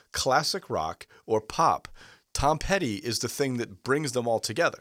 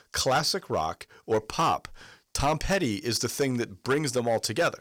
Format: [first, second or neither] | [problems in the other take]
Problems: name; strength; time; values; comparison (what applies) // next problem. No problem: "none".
first | distortion; slight; 5% of the sound clipped